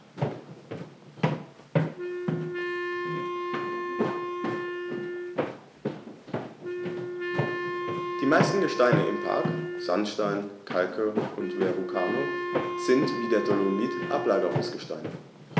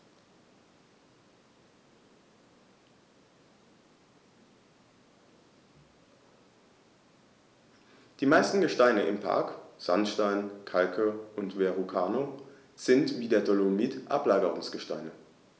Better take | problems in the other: second | background sound (Wind instrument, woodwind instrument + Walk, footsteps); as loud as the speech

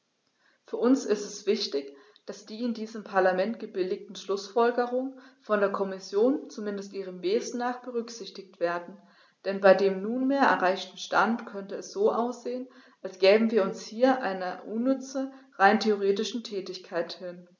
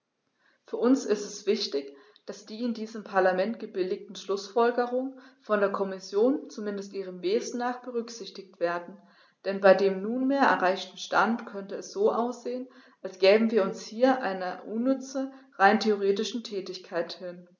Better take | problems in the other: first | noise reduction (neural mask model Resemble Enhance denoiser)

